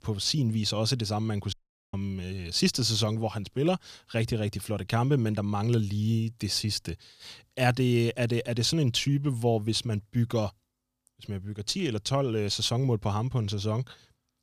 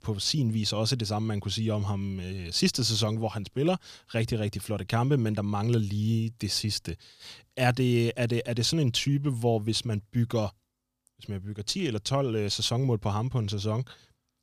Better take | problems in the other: second | audio cutting out; at 1.5 s

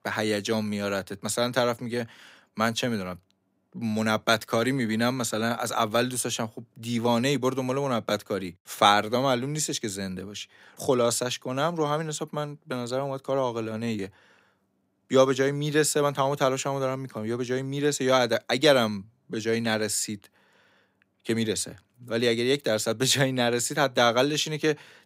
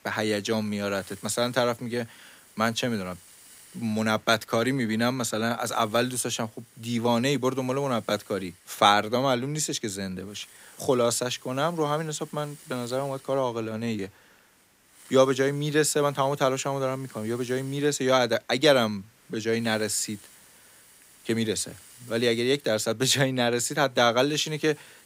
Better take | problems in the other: first | hiss; faint; throughout; 25 dB below the speech

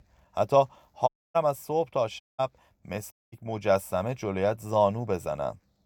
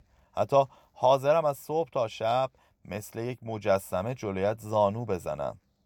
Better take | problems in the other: second | audio cutting out; at 1 s, at 2 s and at 3 s

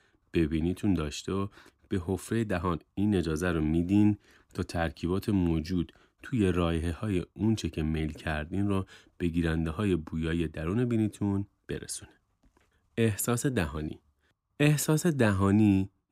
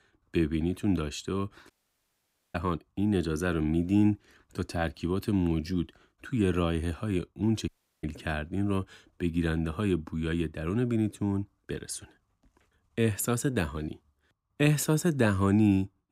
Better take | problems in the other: first | audio cutting out; at 1.5 s for 1 s and at 7.5 s

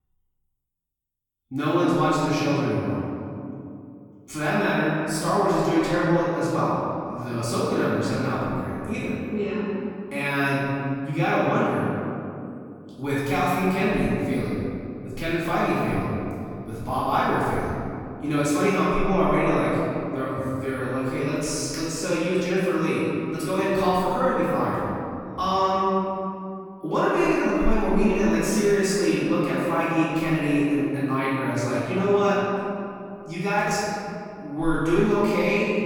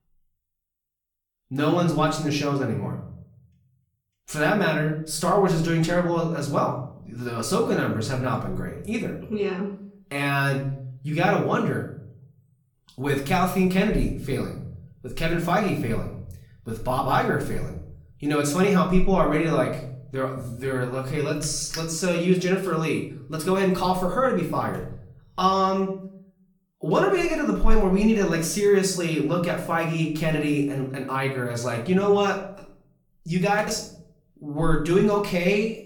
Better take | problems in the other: second | room echo; strong; dies away in 2.5 s; slight in the second // off-mic speech; far; far in the second

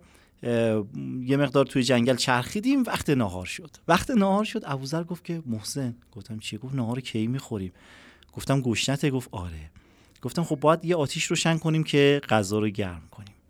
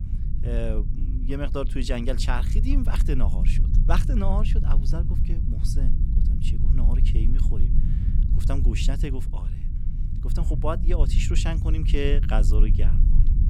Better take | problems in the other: first | low rumble; loud; throughout; 8 dB below the speech

